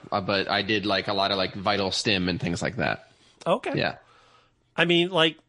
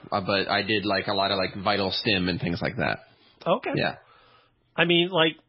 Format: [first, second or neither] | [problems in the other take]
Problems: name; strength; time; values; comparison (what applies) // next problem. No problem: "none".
first | garbled, watery; badly; nothing above 5 kHz; slightly in the first